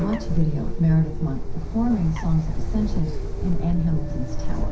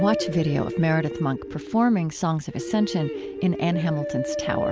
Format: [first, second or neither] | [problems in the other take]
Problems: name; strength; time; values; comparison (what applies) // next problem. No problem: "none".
second | background sound (Bird); as loud as the speech // room echo; dies away in 0.3 s